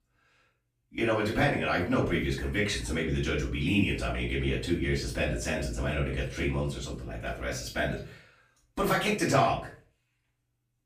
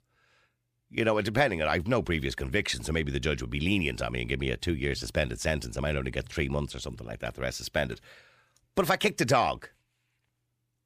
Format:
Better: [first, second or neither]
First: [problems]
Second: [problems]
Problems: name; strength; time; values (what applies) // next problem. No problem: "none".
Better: second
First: off-mic speech; far // room echo; slight; dies away in 0.3 s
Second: none